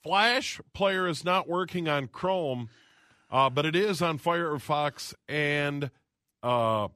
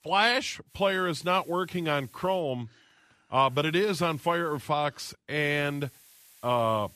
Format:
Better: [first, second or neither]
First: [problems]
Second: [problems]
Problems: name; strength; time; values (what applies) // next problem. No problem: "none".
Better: first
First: none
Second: hiss; faint; from 0.5 to 2.5 s, from 3.5 to 4.5 s and from 5.5 s on; 25 dB below the speech